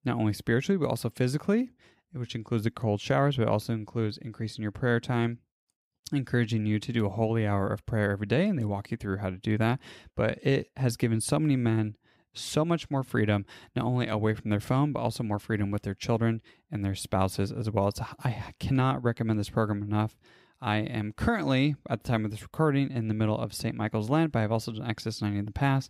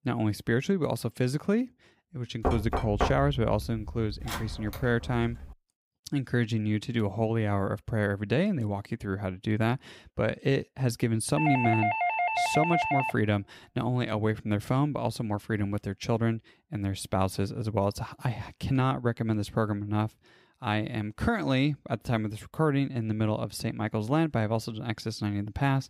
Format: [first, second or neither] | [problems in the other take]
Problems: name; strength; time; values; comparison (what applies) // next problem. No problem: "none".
first | door banging; noticeable; from 2.5 to 5.5 s; peak level with the speech // doorbell; loud; from 11 to 13 s; peak 3 dB above the speech